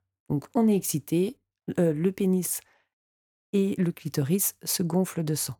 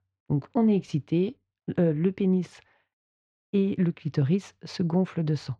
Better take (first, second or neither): first